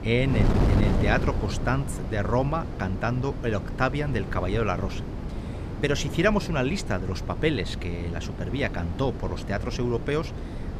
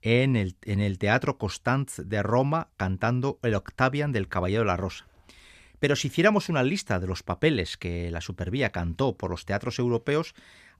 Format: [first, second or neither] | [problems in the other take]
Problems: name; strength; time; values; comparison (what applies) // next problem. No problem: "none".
second | wind noise on the microphone; heavy; 9 dB below the speech